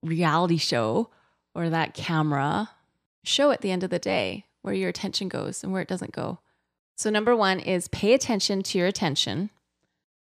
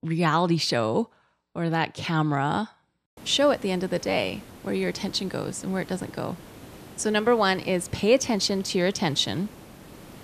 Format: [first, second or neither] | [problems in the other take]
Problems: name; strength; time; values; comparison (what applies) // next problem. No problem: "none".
first | hiss; noticeable; from 3 s on; 20 dB below the speech